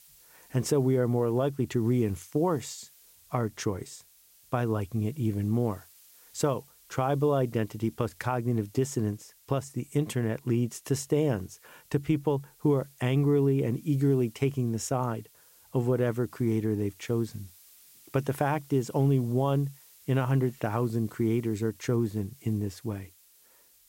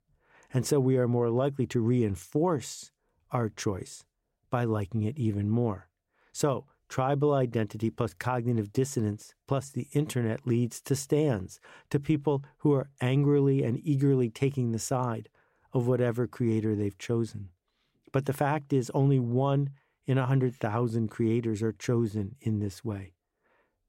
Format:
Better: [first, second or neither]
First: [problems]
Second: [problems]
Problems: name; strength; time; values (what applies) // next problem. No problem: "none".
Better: second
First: hiss; faint; throughout; 25 dB below the speech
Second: none